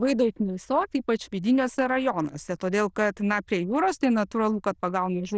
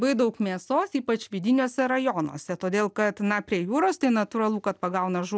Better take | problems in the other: second | noise reduction (neural diffusion model UNIVERSE++)

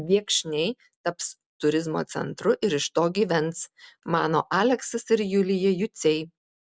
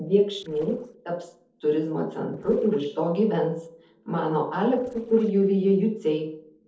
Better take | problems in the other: first | noise reduction (neural separator model SepFormer DNS4)

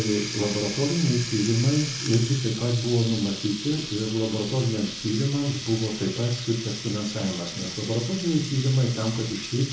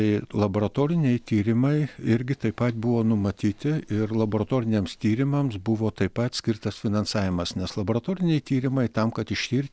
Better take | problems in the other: second | background sound (Water tap, faucet); 9 dB below the speech // room echo; dies away in 0.5 s

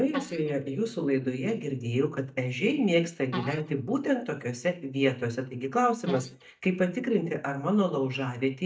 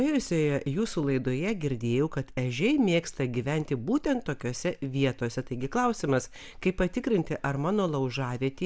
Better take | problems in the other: second | noise reduction (neural mask model DeepFilterNet 3)

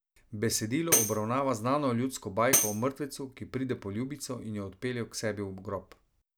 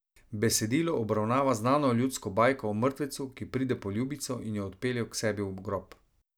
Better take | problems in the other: second | background sound (Tambourine); 1 dB below the speech

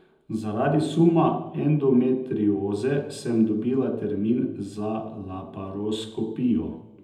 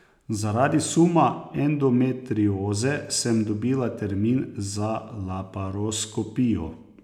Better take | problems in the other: second | room echo; dies away in 0.8 s

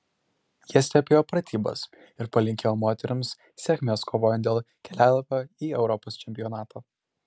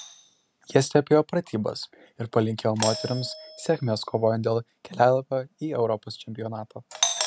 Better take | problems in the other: first | background sound (Doorbell); 11 dB below the speech

